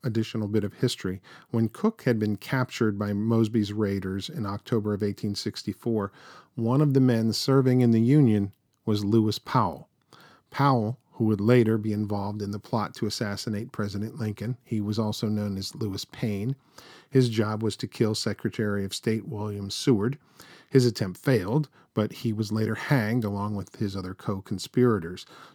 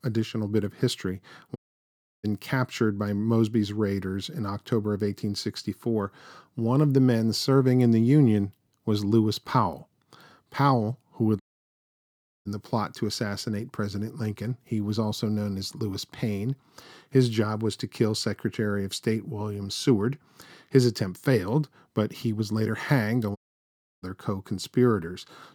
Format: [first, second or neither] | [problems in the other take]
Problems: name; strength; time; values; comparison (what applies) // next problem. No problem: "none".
first | audio cutting out; at 1.5 s for 0.5 s, at 11 s for 1 s and at 23 s for 0.5 s